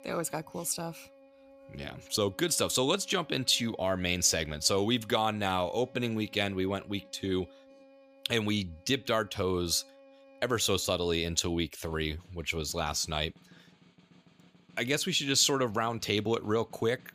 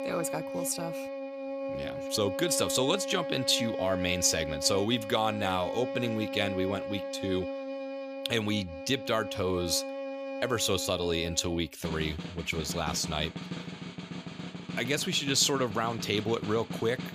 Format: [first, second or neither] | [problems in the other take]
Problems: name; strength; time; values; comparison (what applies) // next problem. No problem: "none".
first | background music; loud; throughout; 8 dB below the speech; faint in the first